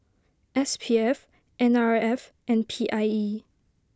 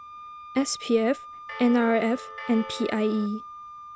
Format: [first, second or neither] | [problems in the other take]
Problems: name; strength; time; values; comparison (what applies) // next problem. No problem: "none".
first | background sound (Bell + Wind instrument, woodwind instrument); 13 dB below the speech